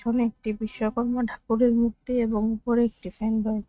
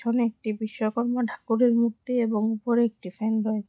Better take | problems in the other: second | noise reduction (neural mask model RNNoise)

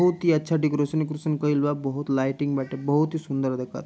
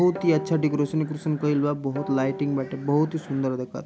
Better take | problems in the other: first | background sound (Guitar); 14 dB below the speech

